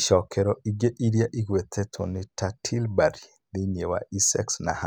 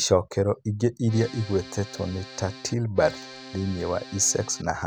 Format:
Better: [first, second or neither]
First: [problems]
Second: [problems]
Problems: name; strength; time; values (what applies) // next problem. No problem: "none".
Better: first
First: none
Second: background sound (Accordion); 16 dB below the speech